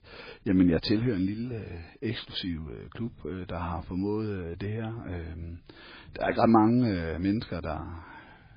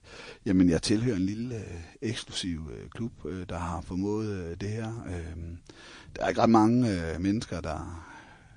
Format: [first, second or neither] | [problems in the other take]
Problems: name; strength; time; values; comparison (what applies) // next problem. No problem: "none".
second | garbled, watery; badly; nothing above 4.5 kHz; slightly in the second